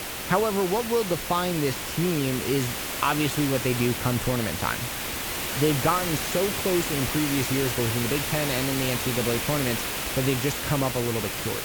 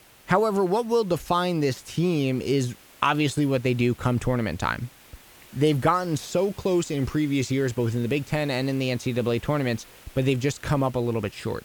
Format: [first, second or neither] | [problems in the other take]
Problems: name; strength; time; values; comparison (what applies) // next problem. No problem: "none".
second | hiss; loud; throughout; 2 dB below the speech; faint in the second